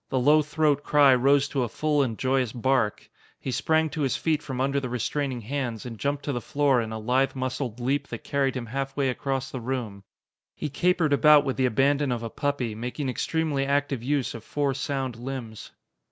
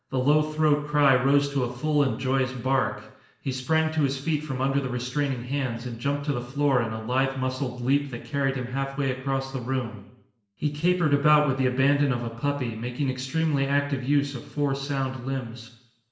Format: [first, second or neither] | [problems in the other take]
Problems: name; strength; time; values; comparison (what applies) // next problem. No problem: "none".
first | room echo; dies away in 0.8 s